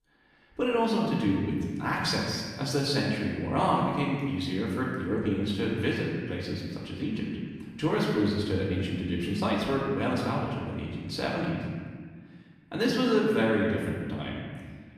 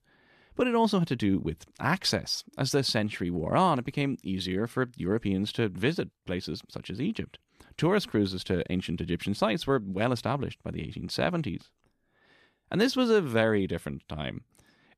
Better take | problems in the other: second | room echo; noticeable; dies away in 1.6 s // off-mic speech; far

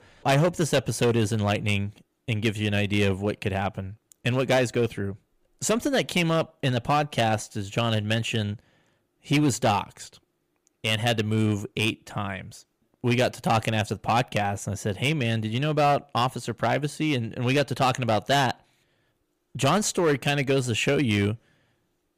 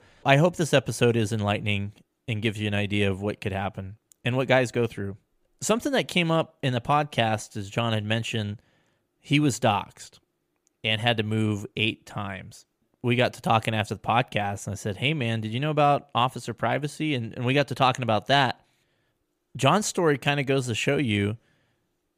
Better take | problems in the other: second | distortion; slight; 5% of the sound clipped

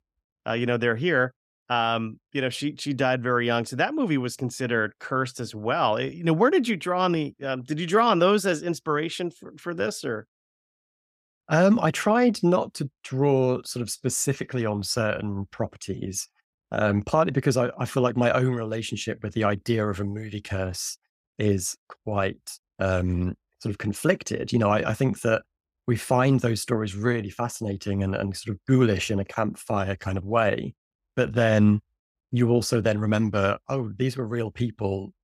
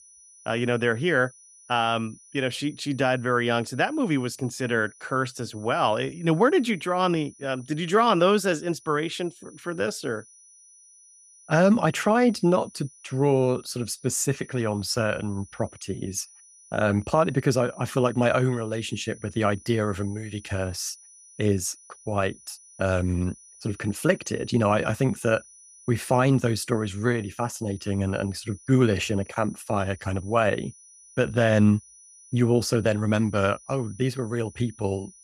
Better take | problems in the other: first | high-pitched whine; faint; throughout; 6 kHz, 25 dB below the speech

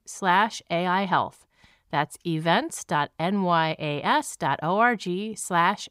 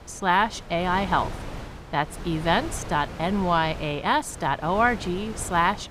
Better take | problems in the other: first | wind noise on the microphone; occasional gusts; 15 dB below the speech

